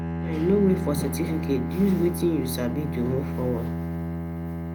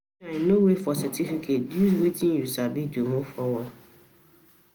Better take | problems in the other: second | background sound (Bowed string instrument); 3 dB below the speech

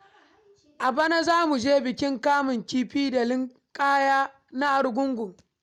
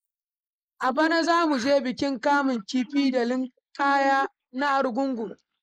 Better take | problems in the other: first | noise reduction (neural mask model Resemble Enhance denoiser)

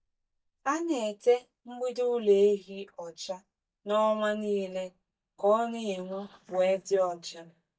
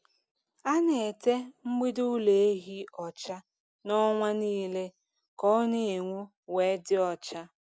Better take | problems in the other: second | noise reduction (neural mask model DeepFilterNet 3)

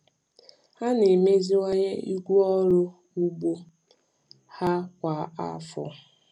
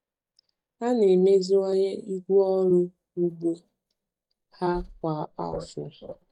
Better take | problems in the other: first | noise reduction (neural mask model DeepFilterNet 3)

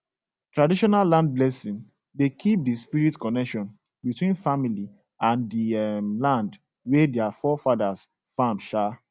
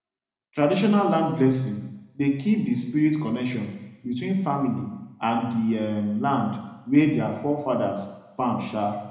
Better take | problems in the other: first | room echo; dies away in 0.9 s

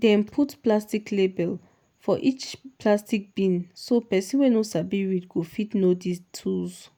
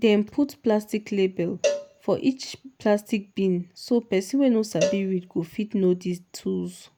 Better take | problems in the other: first | background sound (Cowbell); 8 dB below the speech

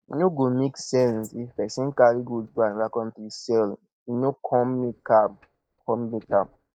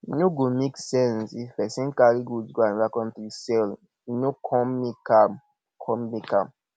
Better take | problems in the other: second | noise reduction (neural mask model DeepFilterNet 3)

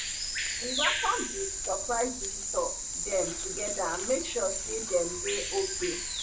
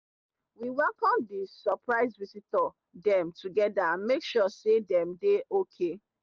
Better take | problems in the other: second | background sound (Bird vocalization, bird call, bird song); as loud as the speech // room echo; dies away in 0.2 s

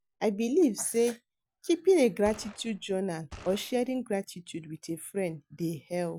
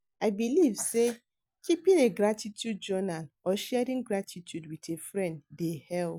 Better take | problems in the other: second | background sound (Gunshot, gunfire); 18 dB below the speech

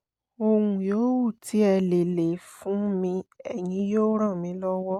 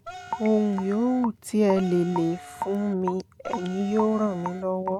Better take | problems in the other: first | background sound (Wind instrument, woodwind instrument + Raindrop / Drip); 11 dB below the speech

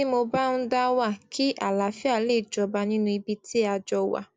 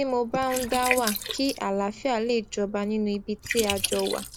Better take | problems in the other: first | background sound (Liquid); 7 dB below the speech

